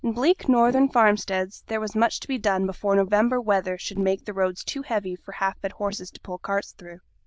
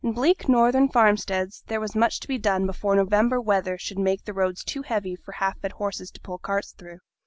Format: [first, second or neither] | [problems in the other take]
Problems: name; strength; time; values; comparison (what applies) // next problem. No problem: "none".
second | noise reduction (neural diffusion model UNIVERSE++)